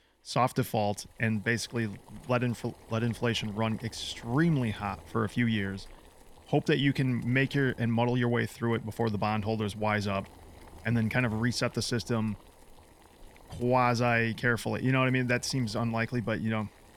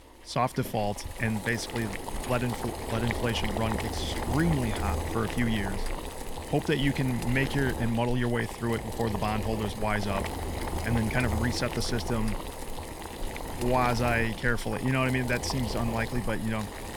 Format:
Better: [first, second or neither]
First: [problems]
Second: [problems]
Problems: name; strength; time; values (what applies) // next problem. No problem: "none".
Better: first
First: household noises; faint; throughout; 25 dB below the speech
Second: household noises; loud; throughout; 6 dB below the speech